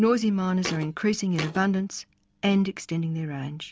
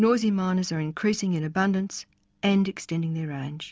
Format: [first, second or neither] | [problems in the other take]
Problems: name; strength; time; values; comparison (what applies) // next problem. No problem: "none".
second | background sound (Thump, thud); 10 dB below the speech